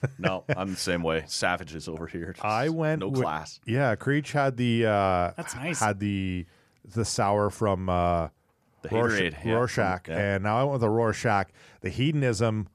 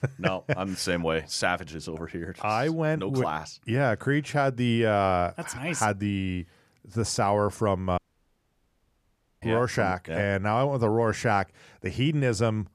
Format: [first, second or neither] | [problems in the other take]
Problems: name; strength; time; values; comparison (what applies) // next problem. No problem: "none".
first | audio cutting out; at 8 s for 1.5 s